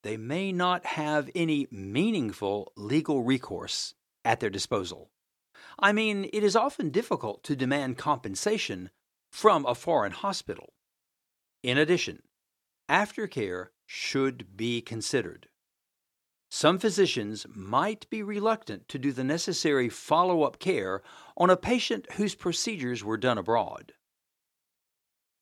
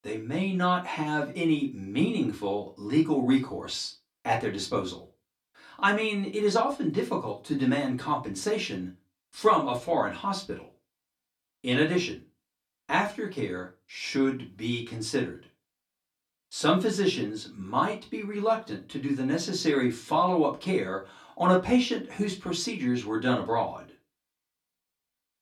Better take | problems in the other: first | off-mic speech; far // room echo; very slight; dies away in 0.2 s

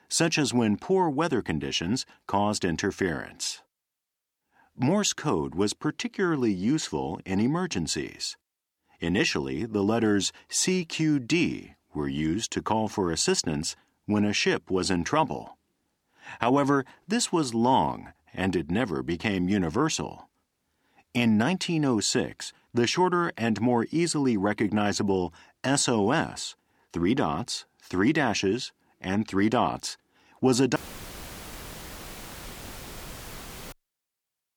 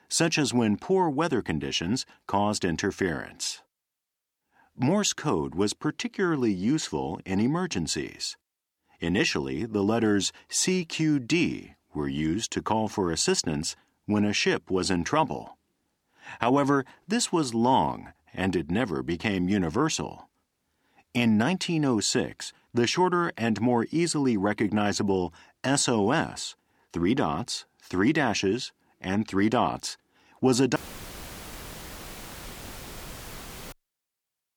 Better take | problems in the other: neither | audio cutting out; filled with static; at 31 s for 3 s; the same in both

